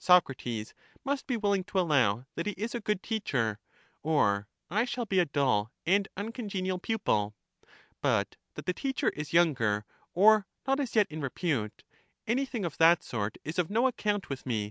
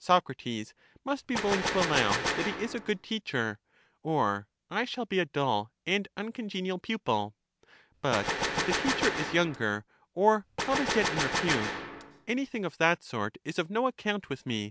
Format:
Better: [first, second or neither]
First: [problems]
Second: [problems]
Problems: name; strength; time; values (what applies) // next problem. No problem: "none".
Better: first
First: none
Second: background sound (Gunshot, gunfire); 1 dB below the speech